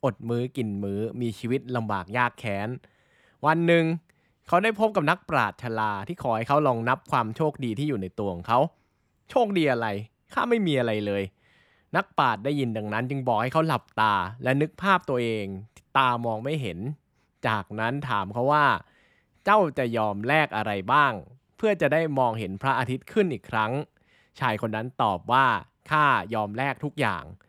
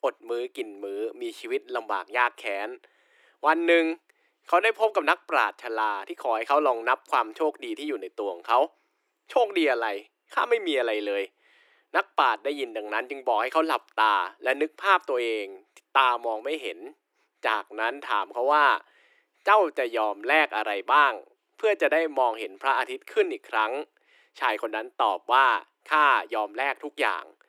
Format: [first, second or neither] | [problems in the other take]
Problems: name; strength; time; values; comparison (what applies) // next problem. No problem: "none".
first | thin; very; fading below 300 Hz